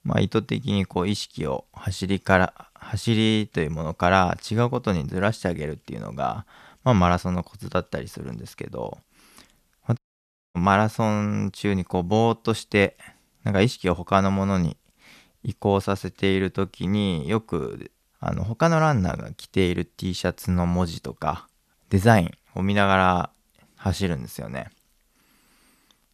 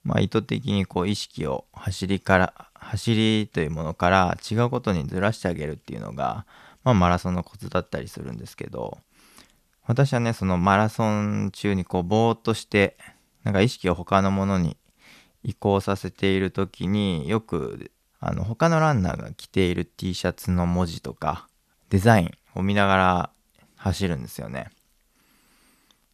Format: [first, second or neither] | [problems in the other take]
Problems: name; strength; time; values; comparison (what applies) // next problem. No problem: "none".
second | audio cutting out; at 10 s for 0.5 s